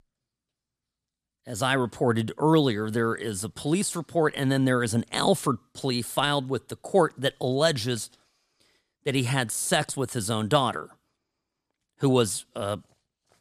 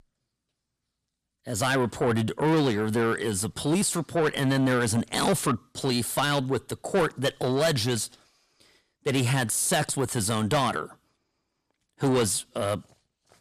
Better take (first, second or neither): first